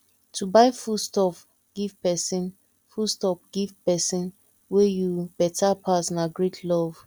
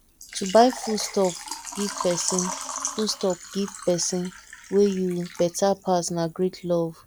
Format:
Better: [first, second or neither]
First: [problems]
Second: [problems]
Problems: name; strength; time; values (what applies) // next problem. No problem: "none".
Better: first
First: none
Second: background sound (Water / Liquid); 11 dB below the speech